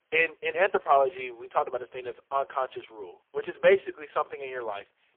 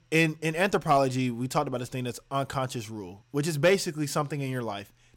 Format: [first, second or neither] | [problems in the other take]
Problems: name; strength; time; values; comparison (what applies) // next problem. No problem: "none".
second | phone-call audio; poor line